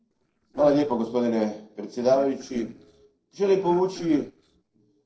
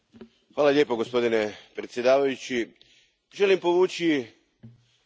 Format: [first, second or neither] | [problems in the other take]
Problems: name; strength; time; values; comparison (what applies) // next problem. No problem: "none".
second | noise reduction (neural separator model SepFormer DNS4)